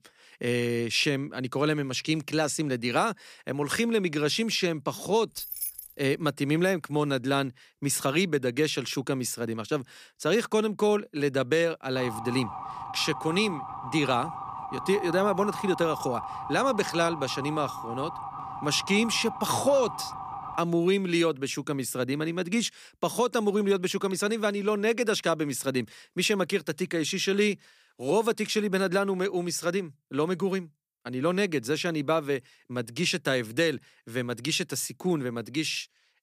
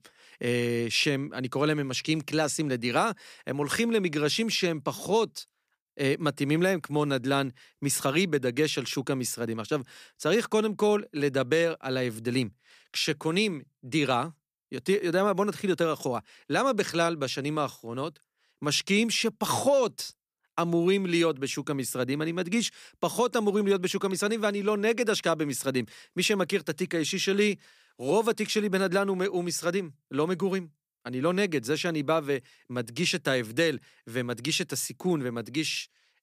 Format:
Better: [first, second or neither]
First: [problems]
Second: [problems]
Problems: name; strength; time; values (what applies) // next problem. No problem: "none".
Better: second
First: jangling keys; noticeable; at 5.5 s; peak 5 dB below the speech // siren; noticeable; from 12 to 21 s; peak 8 dB below the speech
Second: none